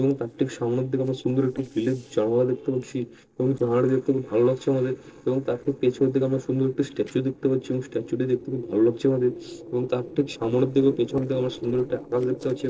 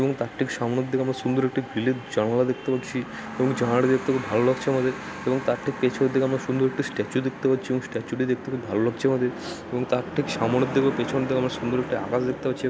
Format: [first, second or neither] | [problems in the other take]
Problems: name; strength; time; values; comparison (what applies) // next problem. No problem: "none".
second | noise reduction (neural separator model SepFormer DNS4)